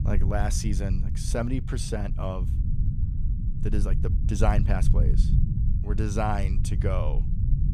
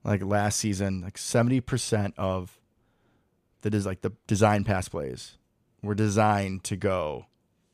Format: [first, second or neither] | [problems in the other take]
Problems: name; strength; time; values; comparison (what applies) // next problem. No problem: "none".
second | low rumble; loud; throughout; 9 dB below the speech